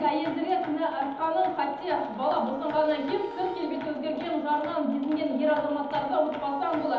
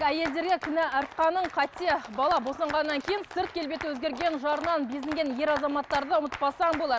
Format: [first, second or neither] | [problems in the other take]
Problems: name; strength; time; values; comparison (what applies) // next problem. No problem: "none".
second | background sound (Wind instrument, woodwind instrument); 18 dB below the speech // room echo; dies away in 1.3 s